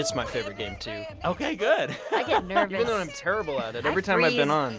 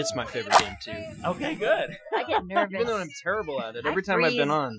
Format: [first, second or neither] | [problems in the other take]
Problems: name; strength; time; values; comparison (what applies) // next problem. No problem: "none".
first | noise reduction (classical method Wiener filter)